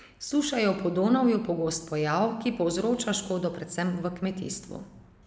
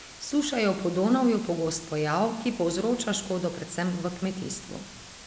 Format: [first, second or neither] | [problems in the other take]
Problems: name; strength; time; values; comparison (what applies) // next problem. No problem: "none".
first | background sound (Water); 19 dB below the speech